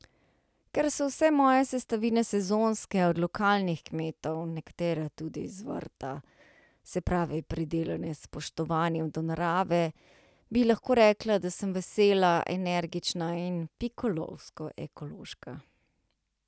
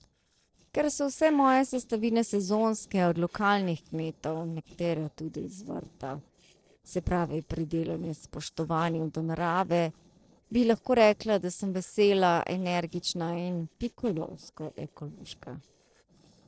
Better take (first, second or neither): first